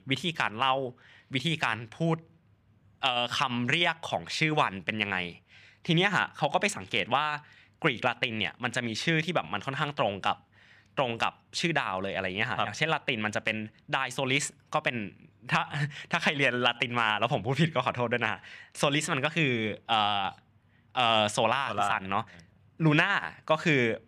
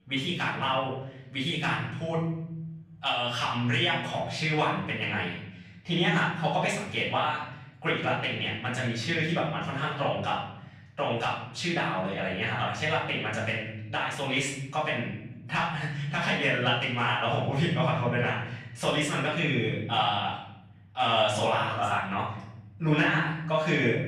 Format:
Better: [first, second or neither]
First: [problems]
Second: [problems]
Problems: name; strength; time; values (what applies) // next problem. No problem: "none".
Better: first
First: none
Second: off-mic speech; far // room echo; noticeable; dies away in 1.2 s